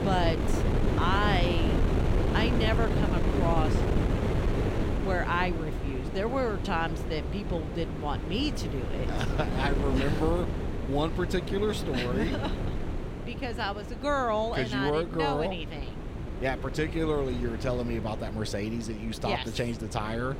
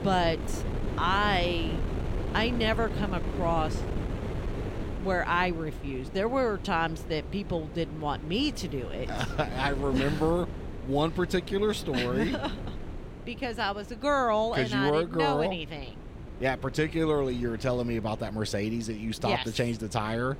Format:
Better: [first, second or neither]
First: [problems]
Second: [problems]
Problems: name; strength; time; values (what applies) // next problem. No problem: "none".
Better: second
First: wind noise on the microphone; heavy; 6 dB below the speech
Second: wind noise on the microphone; occasional gusts; 15 dB below the speech